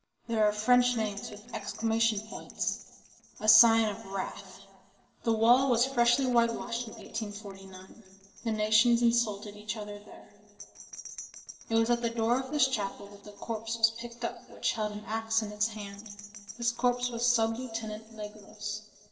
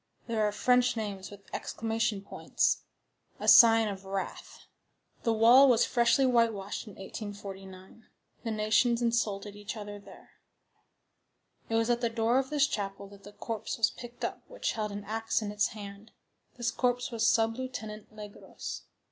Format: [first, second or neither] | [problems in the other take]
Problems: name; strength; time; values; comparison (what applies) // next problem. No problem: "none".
second | noise reduction (neural separator model SepFormer DNS4)